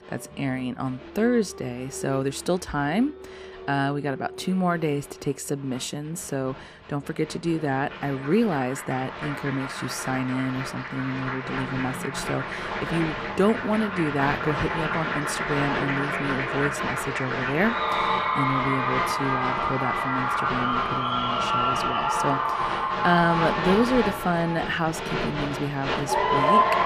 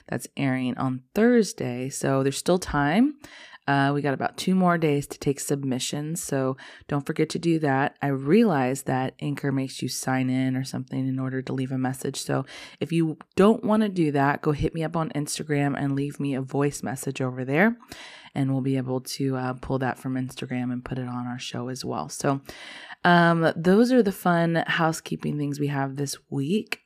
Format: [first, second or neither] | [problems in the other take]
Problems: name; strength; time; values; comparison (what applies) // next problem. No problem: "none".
second | crowd noise; very loud; throughout; 1 dB above the speech